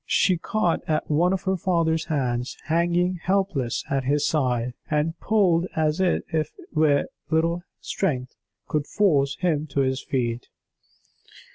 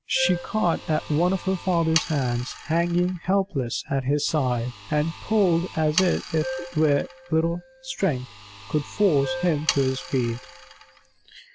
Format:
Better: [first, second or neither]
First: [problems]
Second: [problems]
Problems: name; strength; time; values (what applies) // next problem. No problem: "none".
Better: first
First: none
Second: background sound (Keyboard (musical) + Sawing); 12 dB below the speech